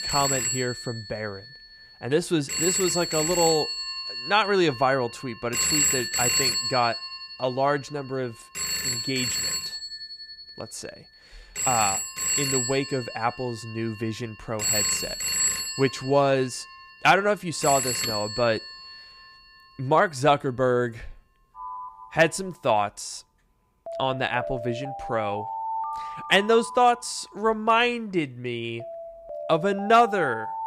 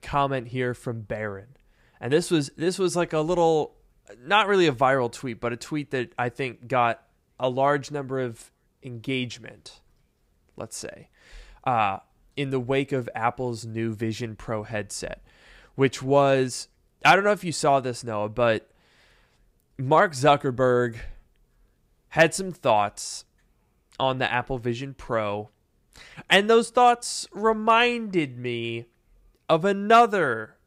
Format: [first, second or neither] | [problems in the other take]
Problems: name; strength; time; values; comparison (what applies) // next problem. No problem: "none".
second | alarms or sirens; loud; throughout; 2 dB below the speech